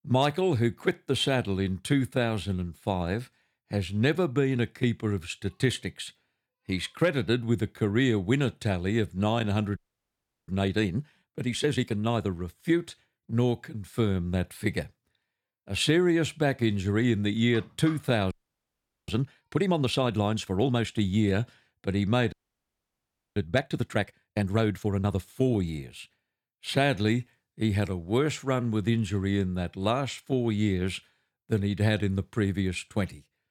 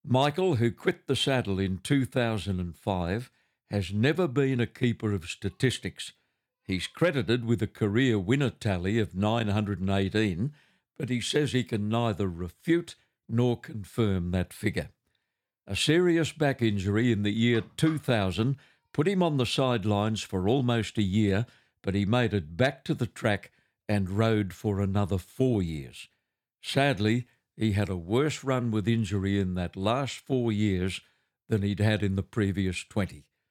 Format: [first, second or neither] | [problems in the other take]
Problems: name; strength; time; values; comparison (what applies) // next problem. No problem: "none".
second | audio freezing; at 10 s for 0.5 s, at 18 s for 1 s and at 22 s for 1 s